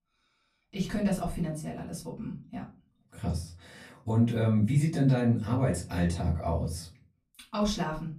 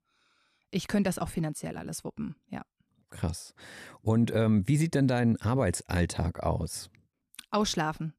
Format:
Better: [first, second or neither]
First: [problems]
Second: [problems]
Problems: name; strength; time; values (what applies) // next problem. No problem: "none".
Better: second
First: off-mic speech; far // room echo; very slight; dies away in 0.3 s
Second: none